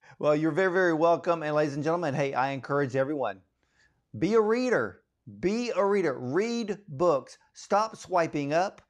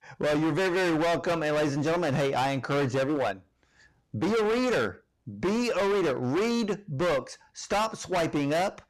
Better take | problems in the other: first | distortion; heavy; 27% of the sound clipped

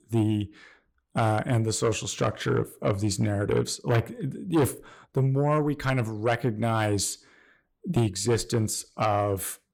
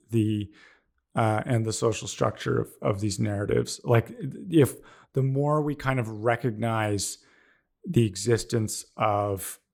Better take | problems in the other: second | distortion; slight; 10 dB below the speech

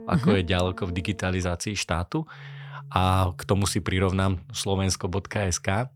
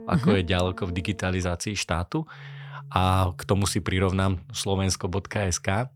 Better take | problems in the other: neither | background music; faint; throughout; 20 dB below the speech; the same in both

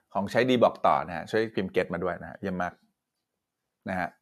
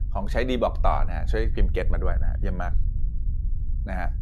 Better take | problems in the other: first | low rumble; noticeable; throughout; 20 dB below the speech

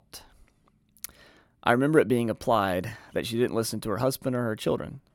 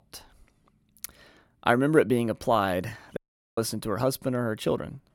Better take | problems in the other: first | audio cutting out; at 3 s

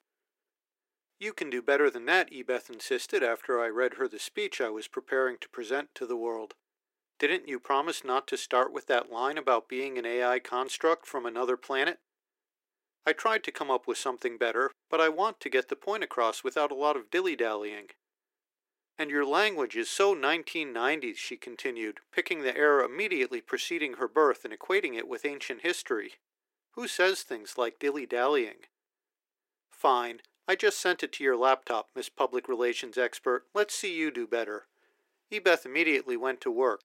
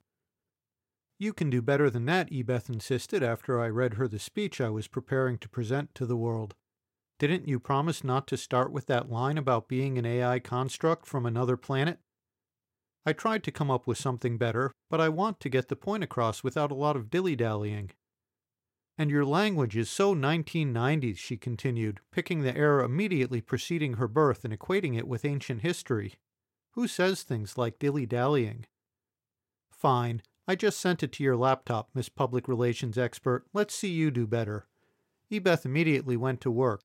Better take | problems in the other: second | thin; very; fading below 350 Hz

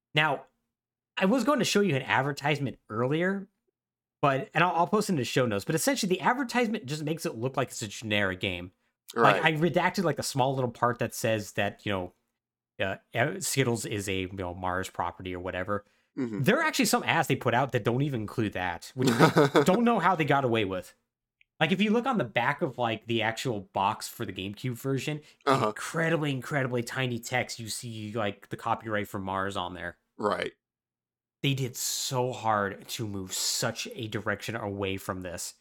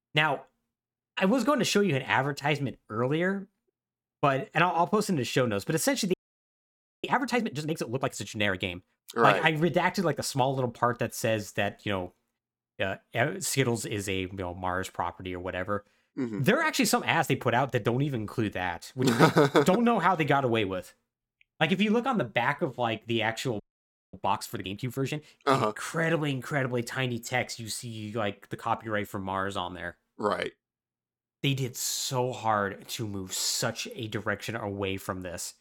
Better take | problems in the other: first | audio freezing; at 6 s for 1 s and at 24 s for 0.5 s

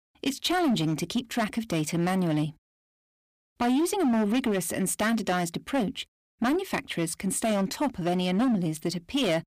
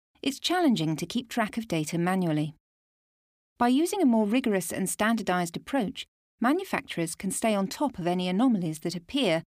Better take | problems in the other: second | distortion; slight; 12% of the sound clipped

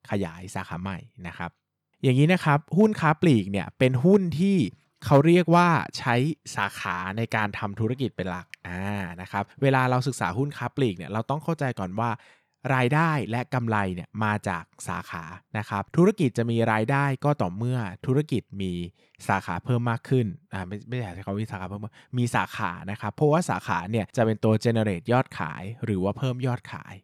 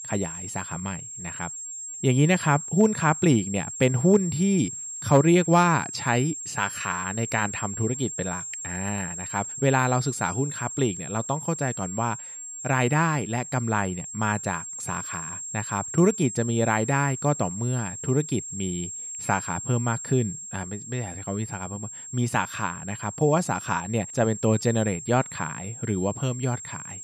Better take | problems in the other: first | high-pitched whine; loud; throughout; 7.5 kHz, 8 dB below the speech

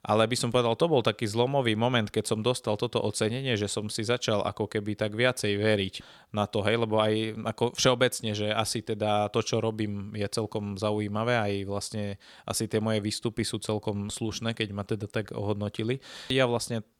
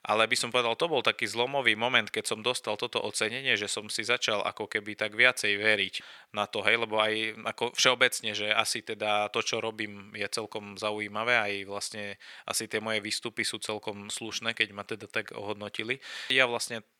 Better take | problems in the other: first | thin; somewhat; fading below 700 Hz

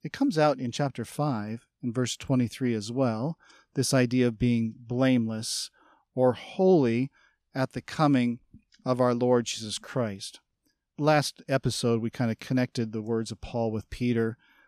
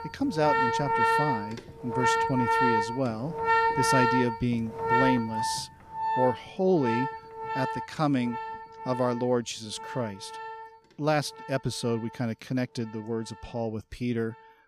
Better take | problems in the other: first | background music; very loud; throughout; 2 dB above the speech

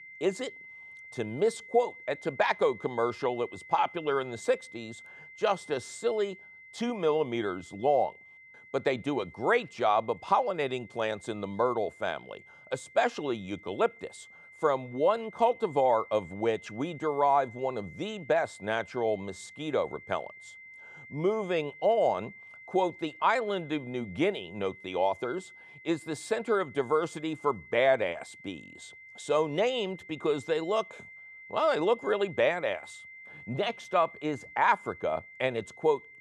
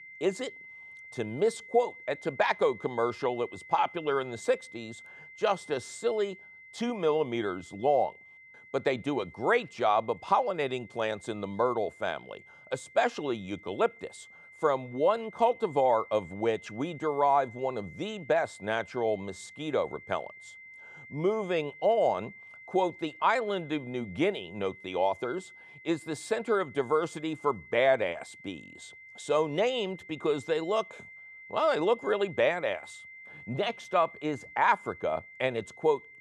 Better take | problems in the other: neither | high-pitched whine; noticeable; throughout; 2 kHz, 20 dB below the speech; the same in both

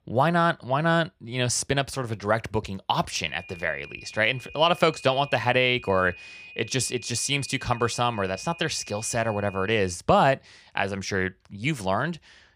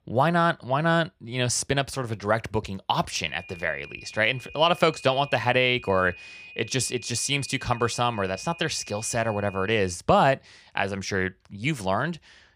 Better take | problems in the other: neither | high-pitched whine; noticeable; from 3 to 10 s; 2.5 kHz, 20 dB below the speech; the same in both

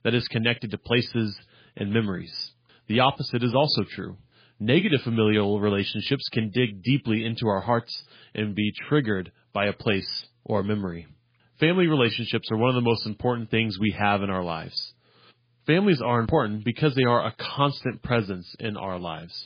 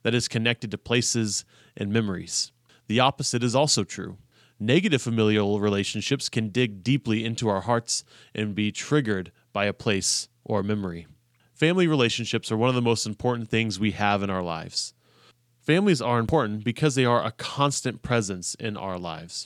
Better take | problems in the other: second | garbled, watery; badly

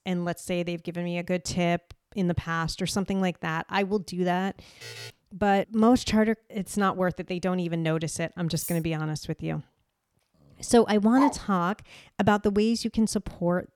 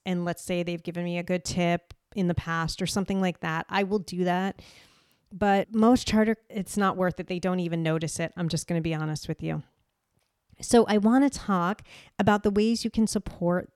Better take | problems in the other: second | alarm; faint; at 5 s; peak 15 dB below the speech // clattering dishes; faint; at 8.5 s; peak 10 dB below the speech // dog barking; noticeable; at 11 s; peak 4 dB below the speech

